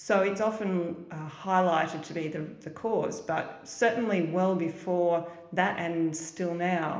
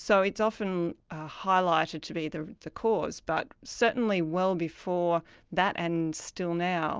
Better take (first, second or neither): second